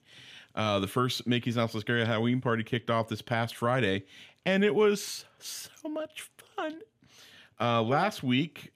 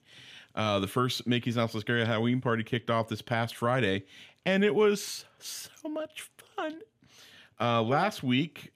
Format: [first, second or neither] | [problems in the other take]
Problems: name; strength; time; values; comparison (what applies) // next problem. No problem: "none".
neither | none